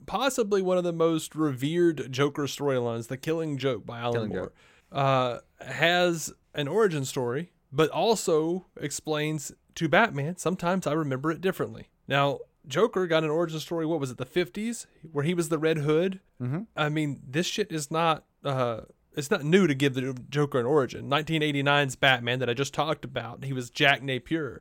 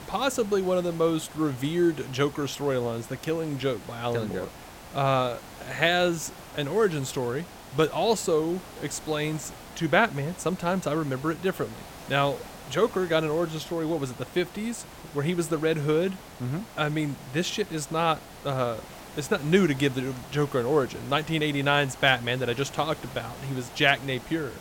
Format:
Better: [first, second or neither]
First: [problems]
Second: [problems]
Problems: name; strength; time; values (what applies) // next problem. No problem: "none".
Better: first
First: none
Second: hiss; noticeable; throughout; 15 dB below the speech